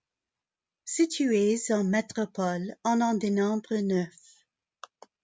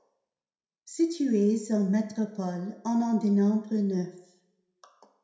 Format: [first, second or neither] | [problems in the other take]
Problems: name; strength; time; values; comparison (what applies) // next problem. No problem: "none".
first | room echo; dies away in 0.6 s